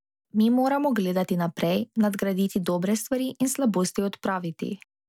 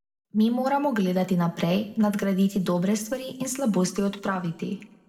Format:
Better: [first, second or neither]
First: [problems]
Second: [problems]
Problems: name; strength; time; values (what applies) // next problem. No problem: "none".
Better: first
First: none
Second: room echo; dies away in 1 s